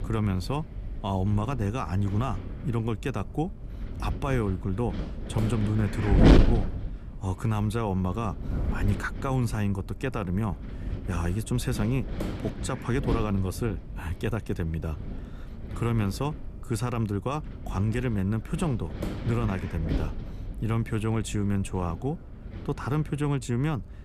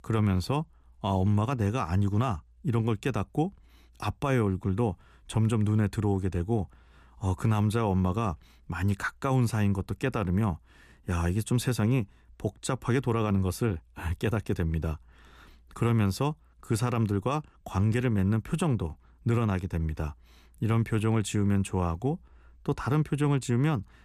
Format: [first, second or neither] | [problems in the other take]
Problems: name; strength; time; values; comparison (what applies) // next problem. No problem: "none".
second | wind noise on the microphone; heavy; 3 dB below the speech